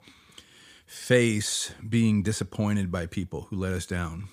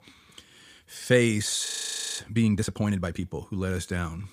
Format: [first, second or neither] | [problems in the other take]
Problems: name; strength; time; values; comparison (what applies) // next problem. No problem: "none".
first | audio freezing; at 1.5 s for 0.5 s